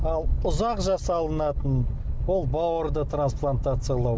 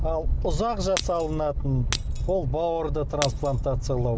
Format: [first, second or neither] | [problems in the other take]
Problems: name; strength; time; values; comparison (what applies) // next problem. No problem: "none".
first | background sound (Shatter); 11 dB below the speech